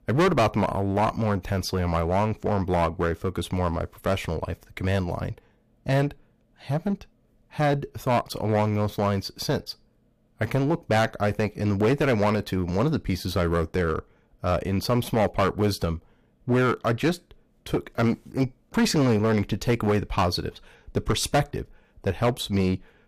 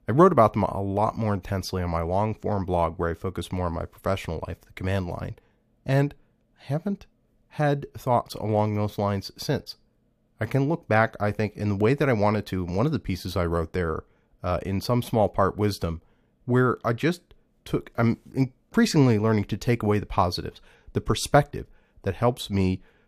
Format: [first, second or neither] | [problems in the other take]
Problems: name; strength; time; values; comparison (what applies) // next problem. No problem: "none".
second | distortion; heavy; 10% of the sound clipped